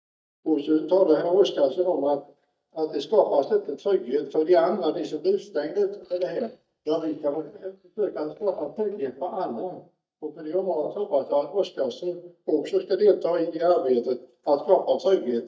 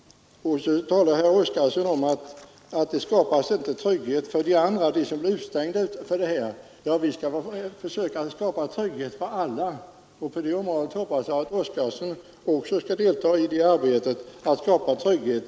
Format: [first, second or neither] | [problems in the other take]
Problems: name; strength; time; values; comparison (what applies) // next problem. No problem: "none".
second | noise reduction (neural mask model DeepFilterNet 3)